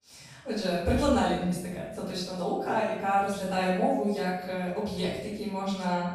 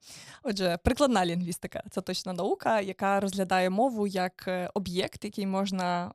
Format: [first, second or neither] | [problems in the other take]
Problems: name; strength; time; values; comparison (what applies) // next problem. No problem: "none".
second | off-mic speech; far // room echo; strong; dies away in 0.8 s